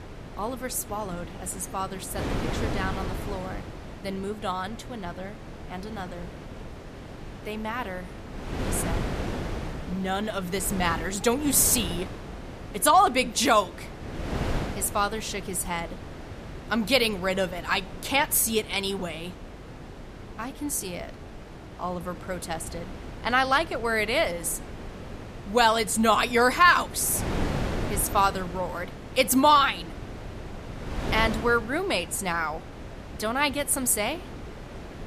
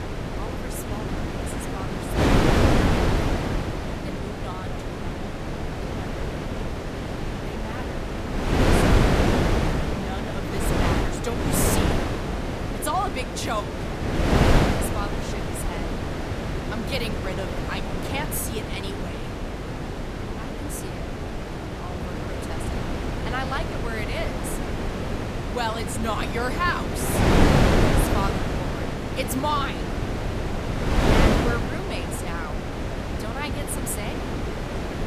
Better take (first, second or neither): first